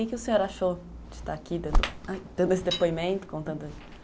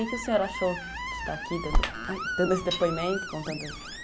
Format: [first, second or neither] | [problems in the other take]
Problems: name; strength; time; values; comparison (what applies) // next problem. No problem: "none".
first | background sound (Screech); 8 dB below the speech